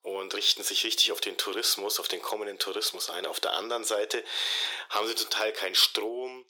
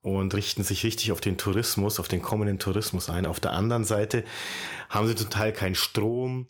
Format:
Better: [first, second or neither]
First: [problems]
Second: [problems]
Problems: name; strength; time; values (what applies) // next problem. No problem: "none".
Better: second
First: thin; very; fading below 400 Hz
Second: none